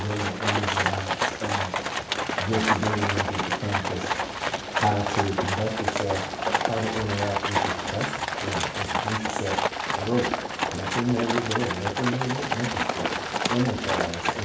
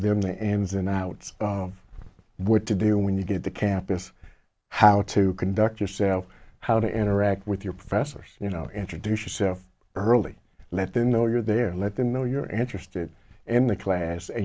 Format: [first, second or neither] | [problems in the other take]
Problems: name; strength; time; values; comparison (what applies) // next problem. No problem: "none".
second | background sound (Livestock, farm animals, working animals); 2 dB above the speech // room echo; dies away in 0.7 s